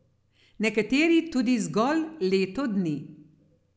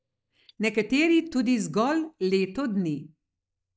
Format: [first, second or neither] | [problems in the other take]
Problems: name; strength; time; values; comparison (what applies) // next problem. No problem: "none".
first | noise reduction (neural mask model DeepFilterNet 3)